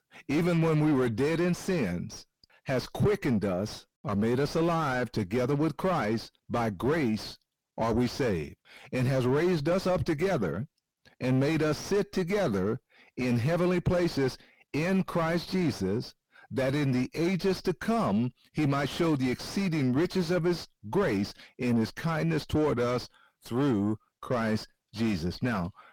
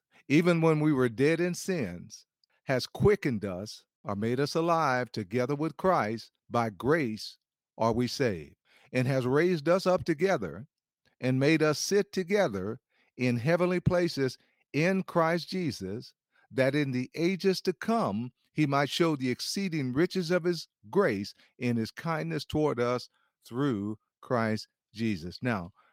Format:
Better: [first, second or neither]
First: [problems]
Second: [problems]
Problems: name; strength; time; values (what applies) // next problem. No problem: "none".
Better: second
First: distortion; heavy; 5 dB below the speech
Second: none